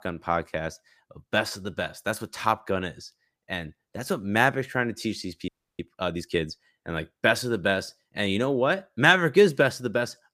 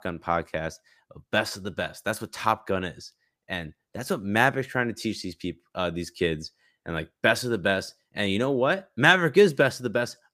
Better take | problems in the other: second | audio freezing; at 5.5 s

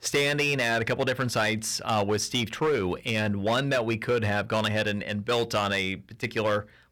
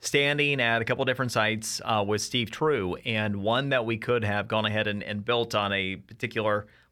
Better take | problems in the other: second | distortion; slight; 7% of the sound clipped

